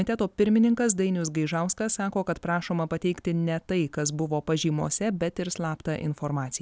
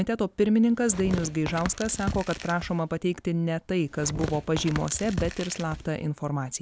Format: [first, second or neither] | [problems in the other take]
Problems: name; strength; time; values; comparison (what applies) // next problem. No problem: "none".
first | background sound (Tearing); 10 dB below the speech